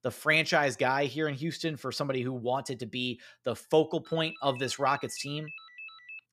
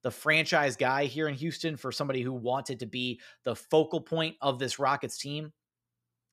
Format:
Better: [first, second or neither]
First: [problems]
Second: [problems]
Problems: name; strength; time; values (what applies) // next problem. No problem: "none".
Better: second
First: phone ringing; faint; from 4 s on; peak 15 dB below the speech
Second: none